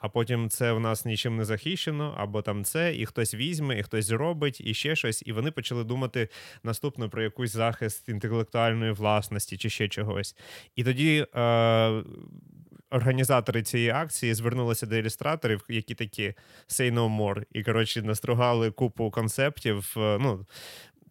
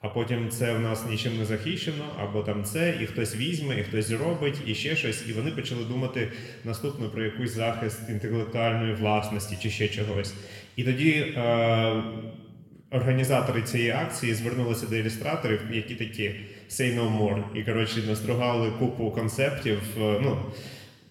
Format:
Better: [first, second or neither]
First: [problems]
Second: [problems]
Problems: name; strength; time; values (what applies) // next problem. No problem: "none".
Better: first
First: none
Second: room echo; noticeable; dies away in 1.2 s // off-mic speech; somewhat distant